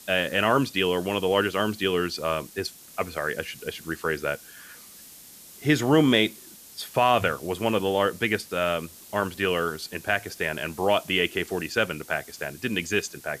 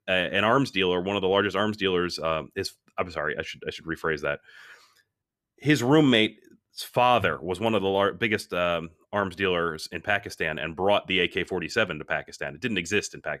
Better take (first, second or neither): second